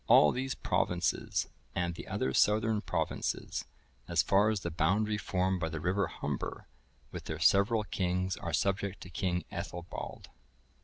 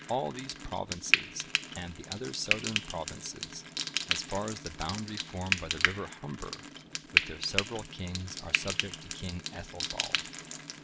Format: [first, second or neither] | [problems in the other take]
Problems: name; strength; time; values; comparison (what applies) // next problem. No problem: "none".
first | background sound (Frying (food)); 4 dB above the speech